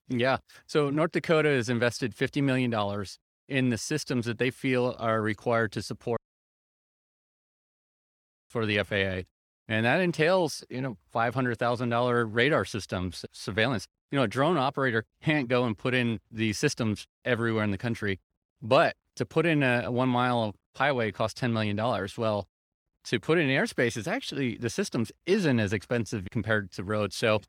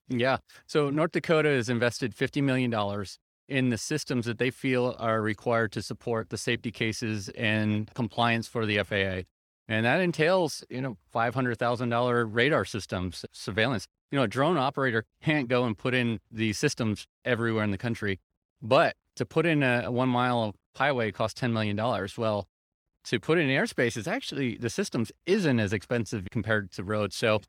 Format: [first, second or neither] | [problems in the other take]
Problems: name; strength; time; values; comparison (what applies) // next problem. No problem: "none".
second | audio cutting out; at 6 s for 2.5 s